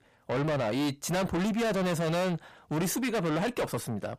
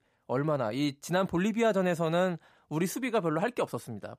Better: second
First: distortion; heavy; 6 dB below the speech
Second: none

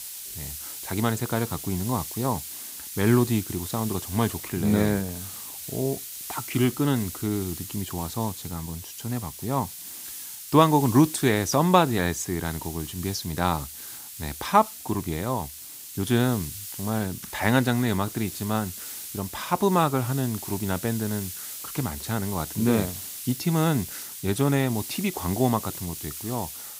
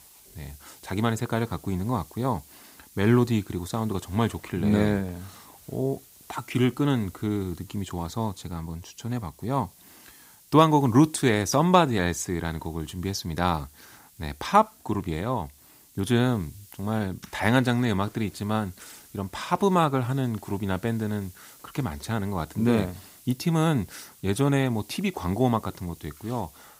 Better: second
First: hiss; loud; throughout; 9 dB below the speech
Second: hiss; faint; throughout; 25 dB below the speech

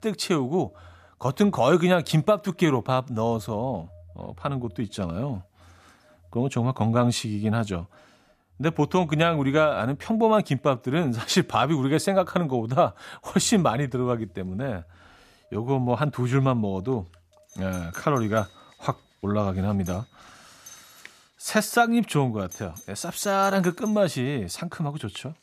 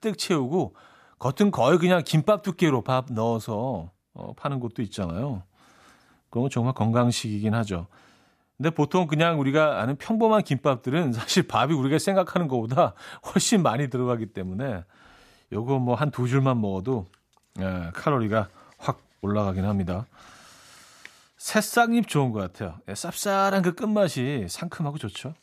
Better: second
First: alarms or sirens; faint; throughout; 25 dB below the speech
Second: none

